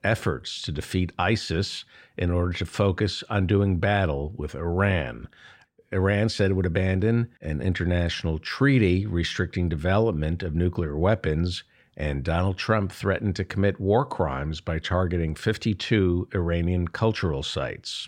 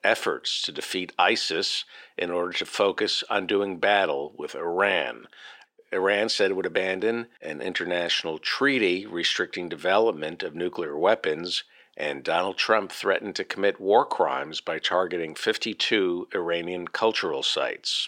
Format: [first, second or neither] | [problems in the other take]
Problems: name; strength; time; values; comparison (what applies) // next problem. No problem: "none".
first | thin; very; fading below 350 Hz